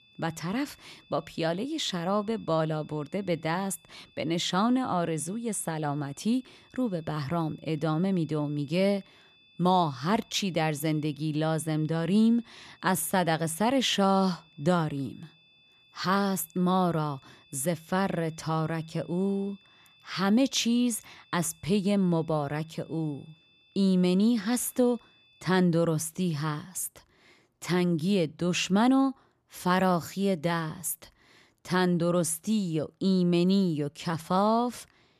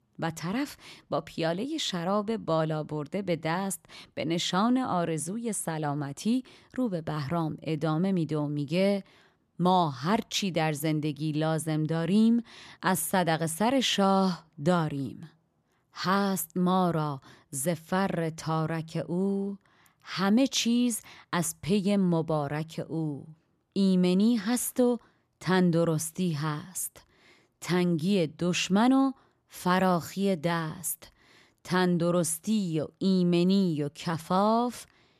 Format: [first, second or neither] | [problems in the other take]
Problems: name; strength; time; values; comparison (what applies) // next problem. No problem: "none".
second | high-pitched whine; faint; until 26 s; 3.5 kHz, 30 dB below the speech